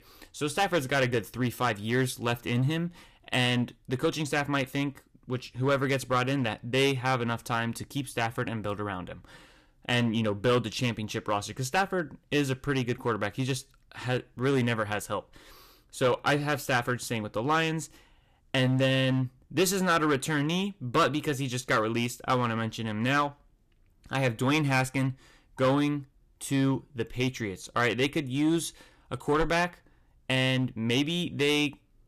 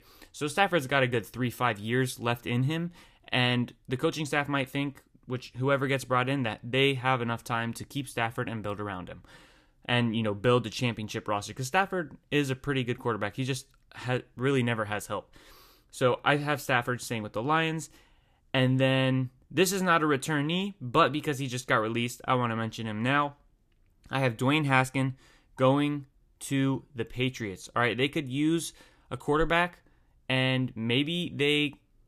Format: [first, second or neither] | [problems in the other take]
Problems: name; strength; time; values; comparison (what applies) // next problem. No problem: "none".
second | distortion; slight; 4% of the sound clipped